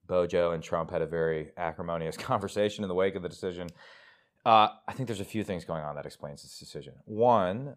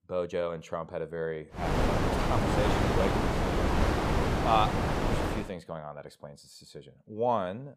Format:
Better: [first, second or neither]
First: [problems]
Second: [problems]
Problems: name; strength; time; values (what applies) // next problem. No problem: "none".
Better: first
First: none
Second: wind noise on the microphone; heavy; from 1.5 to 5.5 s; 2 dB above the speech